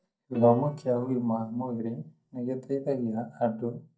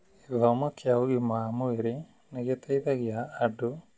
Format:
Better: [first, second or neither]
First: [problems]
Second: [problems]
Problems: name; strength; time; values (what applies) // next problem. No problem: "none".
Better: second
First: noise reduction (neural mask model DeepFilterNet 3)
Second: none